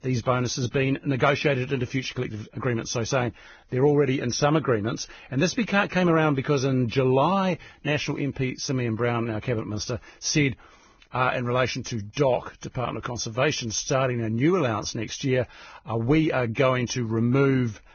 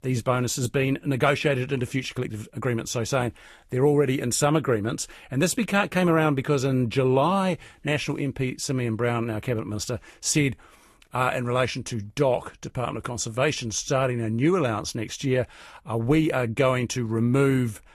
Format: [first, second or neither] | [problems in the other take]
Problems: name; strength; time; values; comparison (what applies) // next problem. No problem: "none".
second | garbled, watery; badly; nothing above 6.5 kHz; slightly in the second